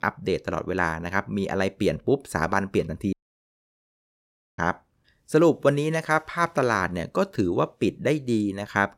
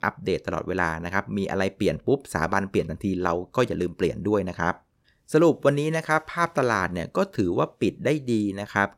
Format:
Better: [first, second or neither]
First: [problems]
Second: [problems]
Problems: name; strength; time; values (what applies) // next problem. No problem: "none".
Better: second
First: audio cutting out; at 3 s for 1.5 s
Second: none